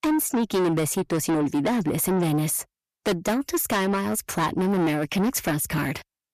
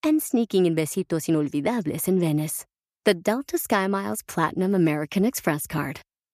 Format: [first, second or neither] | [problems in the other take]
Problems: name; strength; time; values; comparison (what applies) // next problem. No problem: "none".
second | distortion; heavy; 6 dB below the speech